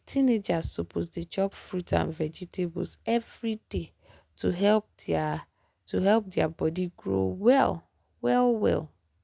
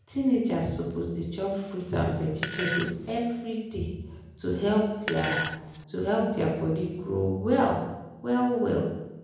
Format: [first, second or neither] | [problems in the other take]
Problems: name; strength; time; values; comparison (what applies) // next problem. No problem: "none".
first | background sound (Fart); 5 dB below the speech // room echo; dies away in 0.9 s